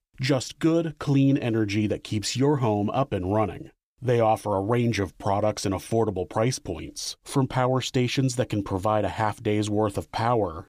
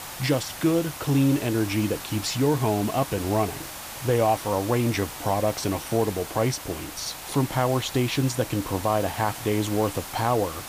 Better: first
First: none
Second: hiss; noticeable; throughout; 10 dB below the speech

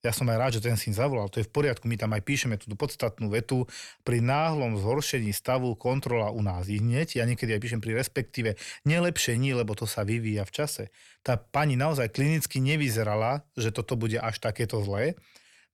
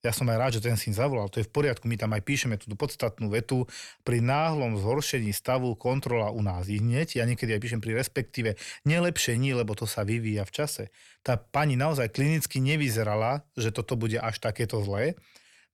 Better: neither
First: none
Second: none

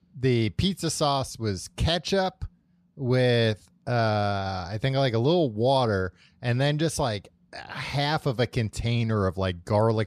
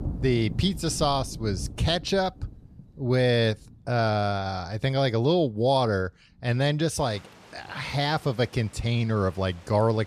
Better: first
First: none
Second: rain or running water; noticeable; throughout; 15 dB below the speech

